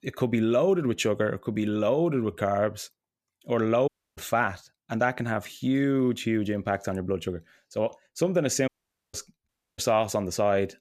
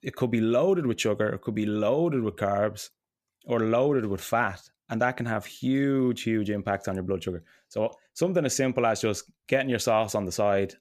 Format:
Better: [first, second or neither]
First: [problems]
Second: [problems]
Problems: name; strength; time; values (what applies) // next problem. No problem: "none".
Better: second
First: audio cutting out; at 4 s, at 8.5 s and at 9.5 s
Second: none